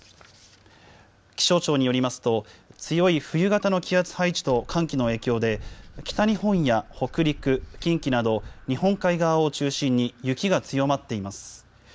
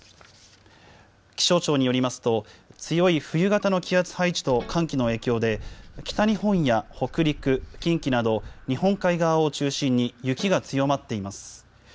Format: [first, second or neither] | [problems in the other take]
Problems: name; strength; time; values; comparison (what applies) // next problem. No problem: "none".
first | background sound (Guitar); 19 dB below the speech